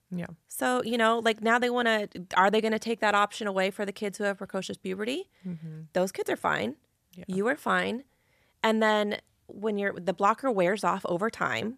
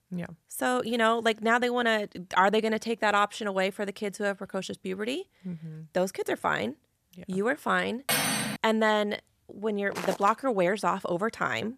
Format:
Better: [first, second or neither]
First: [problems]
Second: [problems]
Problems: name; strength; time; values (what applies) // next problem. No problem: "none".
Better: first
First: none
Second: clattering dishes; loud; at 8 s; peak 3 dB above the speech // footsteps; noticeable; at 10 s; peak 8 dB below the speech